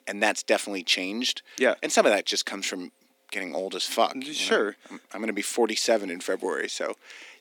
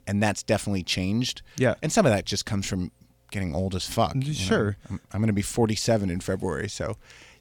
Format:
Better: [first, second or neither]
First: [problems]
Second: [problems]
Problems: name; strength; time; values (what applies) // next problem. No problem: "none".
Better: second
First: thin; somewhat; fading below 250 Hz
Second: none